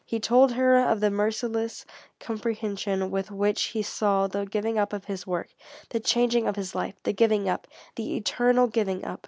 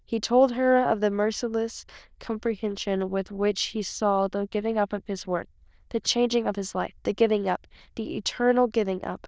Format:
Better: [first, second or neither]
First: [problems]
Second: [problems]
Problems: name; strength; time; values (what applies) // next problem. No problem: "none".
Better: first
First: none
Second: noise reduction (neural diffusion model UNIVERSE++)